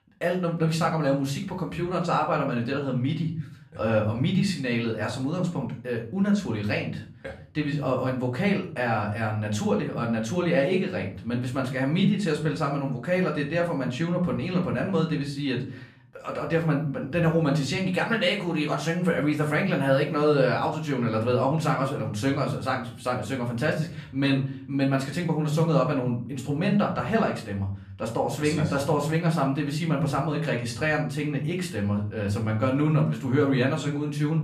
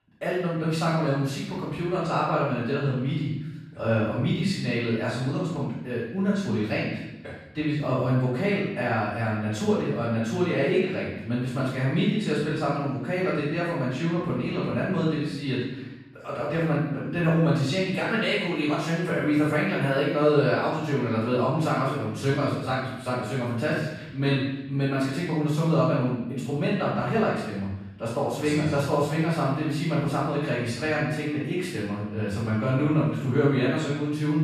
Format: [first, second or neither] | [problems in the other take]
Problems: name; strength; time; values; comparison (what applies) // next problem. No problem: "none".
first | room echo; strong; dies away in 0.9 s; slight in the first // off-mic speech; far; far in the first